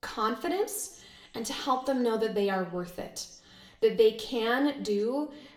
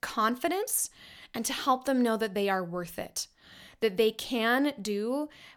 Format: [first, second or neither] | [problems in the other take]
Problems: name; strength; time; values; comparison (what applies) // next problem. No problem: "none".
second | room echo; very slight; dies away in 0.7 s